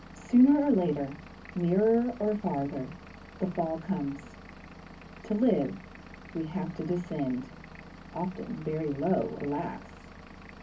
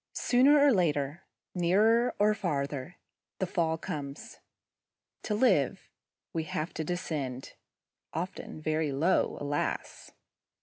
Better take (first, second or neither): second